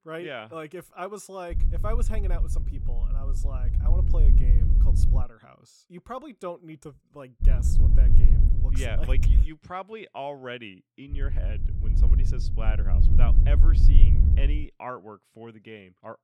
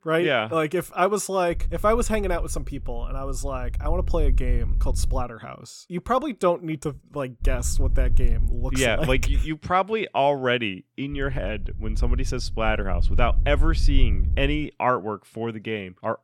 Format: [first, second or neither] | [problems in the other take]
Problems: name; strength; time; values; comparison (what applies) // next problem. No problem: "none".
second | low rumble; loud; from 1.5 to 5 s, from 7.5 to 9.5 s and from 11 to 15 s; 5 dB below the speech; faint in the second